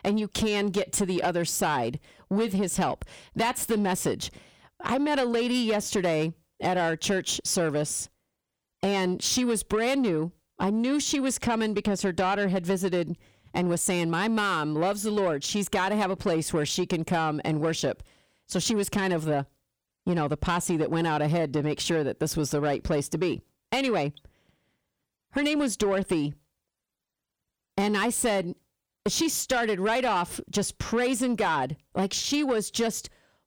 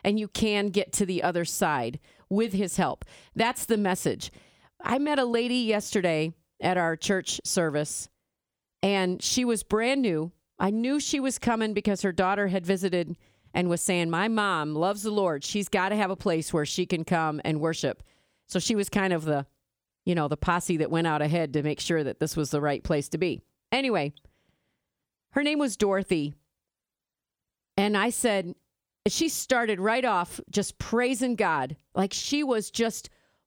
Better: second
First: distortion; slight; 10 dB below the speech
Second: none

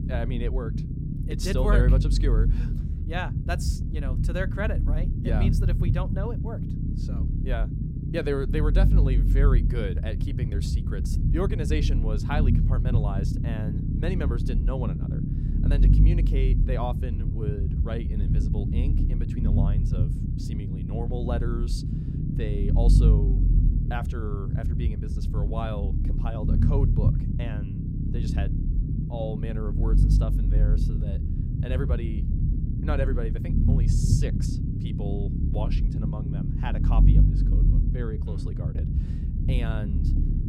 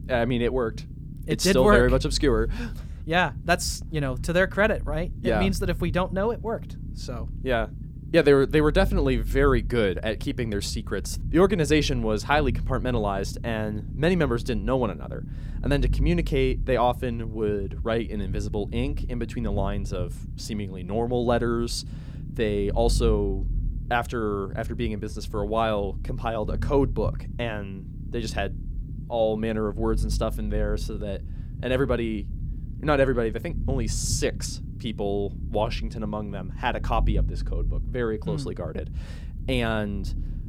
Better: second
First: low rumble; loud; throughout; 3 dB below the speech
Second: low rumble; faint; throughout; 20 dB below the speech

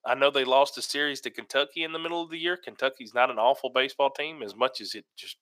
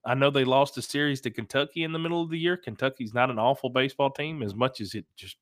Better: second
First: thin; somewhat; fading below 550 Hz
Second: none

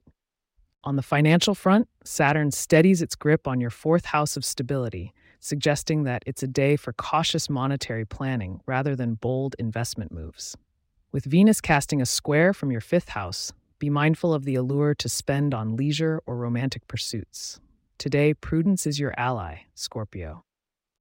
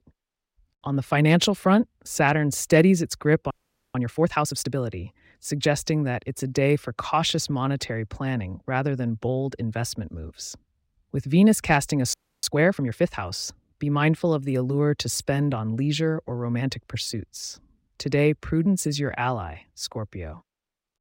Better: first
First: none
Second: audio freezing; at 3.5 s and at 12 s

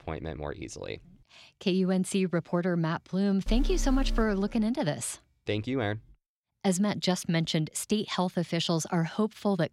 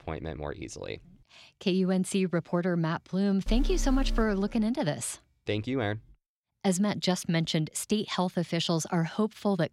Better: neither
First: alarm; noticeable; from 3.5 to 4.5 s; peak 4 dB below the speech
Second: alarm; noticeable; from 3.5 to 4.5 s; peak 4 dB below the speech

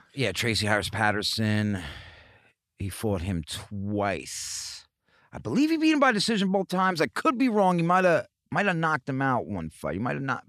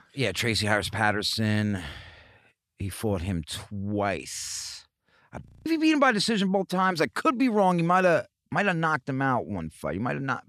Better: first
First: none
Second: audio freezing; at 5.5 s

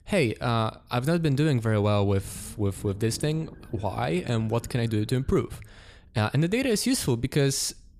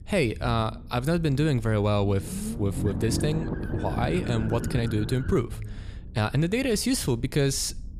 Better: first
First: low rumble; faint; throughout; 25 dB below the speech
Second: low rumble; loud; throughout; 10 dB below the speech

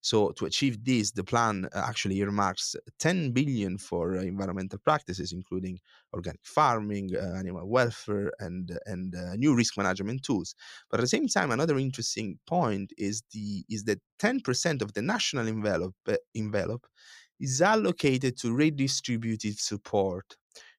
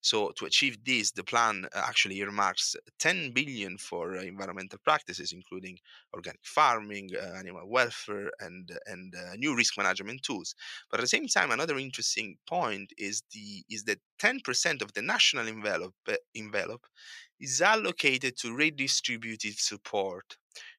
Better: first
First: none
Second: thin; somewhat; fading below 800 Hz

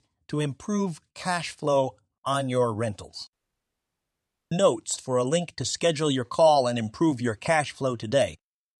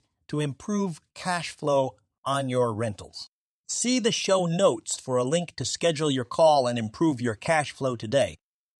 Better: second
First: audio cutting out; at 3.5 s for 1 s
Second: none

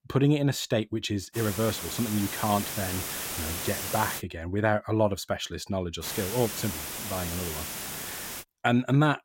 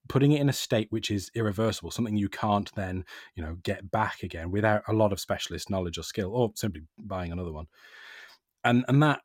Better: second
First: hiss; loud; from 1.5 to 4 s and from 6 to 8.5 s; 4 dB below the speech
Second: none

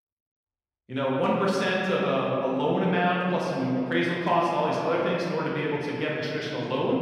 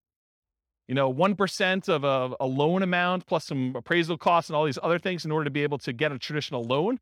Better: second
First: room echo; noticeable; dies away in 2.2 s // off-mic speech; far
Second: none

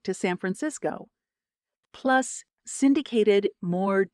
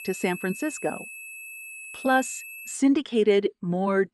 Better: first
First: none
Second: high-pitched whine; noticeable; until 2.5 s; 2.5 kHz, 15 dB below the speech

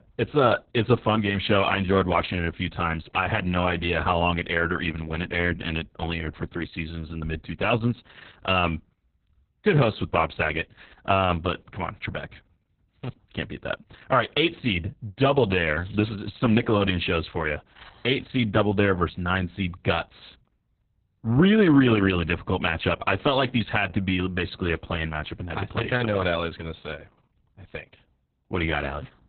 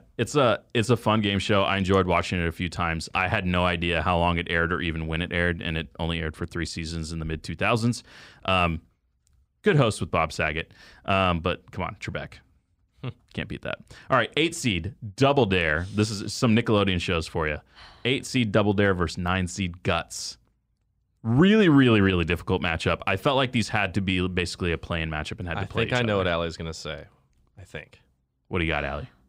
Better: second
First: garbled, watery; badly; nothing above 4 kHz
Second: none

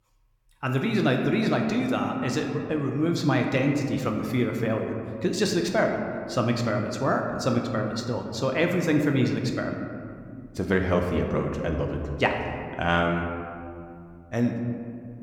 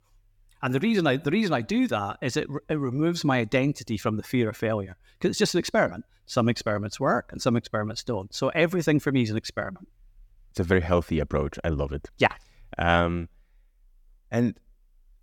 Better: second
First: room echo; slight; dies away in 1.9 s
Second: none

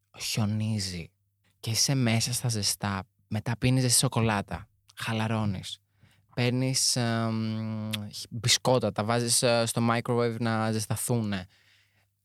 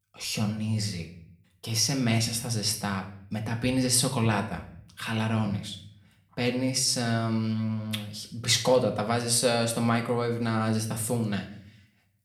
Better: first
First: none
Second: room echo; slight; dies away in 0.5 s

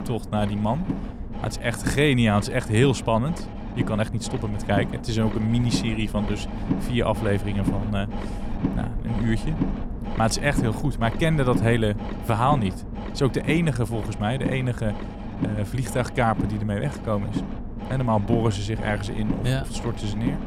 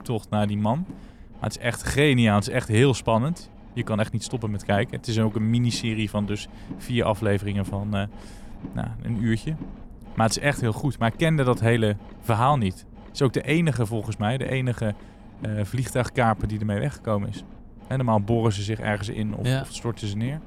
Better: second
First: low rumble; loud; throughout; 9 dB below the speech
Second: low rumble; faint; throughout; 20 dB below the speech

